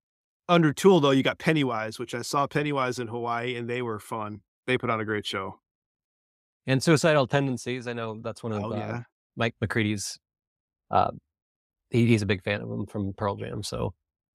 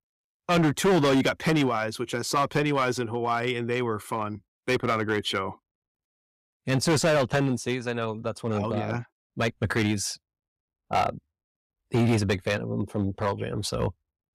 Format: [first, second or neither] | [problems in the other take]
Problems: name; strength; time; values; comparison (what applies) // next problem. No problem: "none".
first | distortion; heavy; 6% of the sound clipped